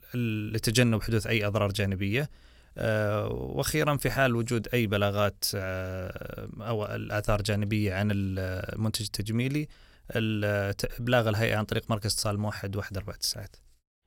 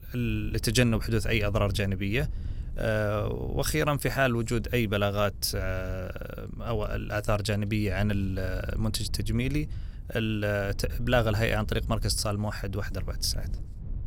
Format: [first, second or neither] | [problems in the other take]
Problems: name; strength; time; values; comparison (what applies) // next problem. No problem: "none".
first | wind noise on the microphone; occasional gusts; 25 dB below the speech